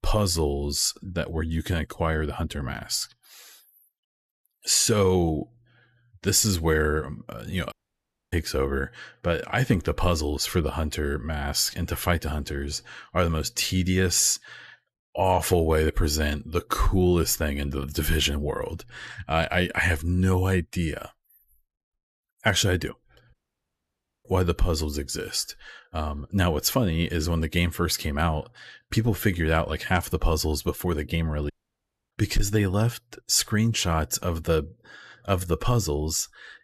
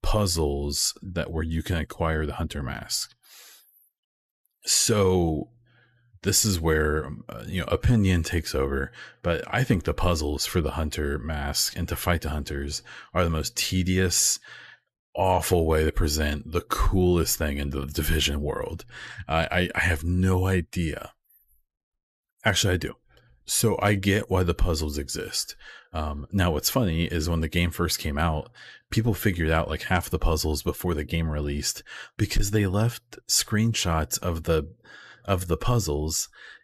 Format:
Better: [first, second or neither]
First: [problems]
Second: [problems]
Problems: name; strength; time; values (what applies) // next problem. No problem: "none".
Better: second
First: audio cutting out; at 7.5 s for 0.5 s, at 23 s for 1 s and at 32 s for 0.5 s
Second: none